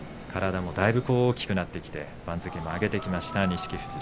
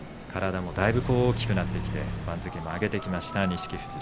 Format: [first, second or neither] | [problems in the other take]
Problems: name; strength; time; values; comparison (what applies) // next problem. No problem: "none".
first | background sound (Accelerating, revving, vroom / Car); 4 dB below the speech